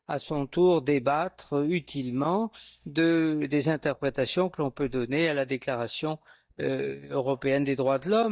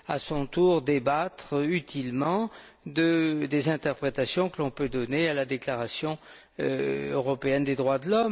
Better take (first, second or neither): second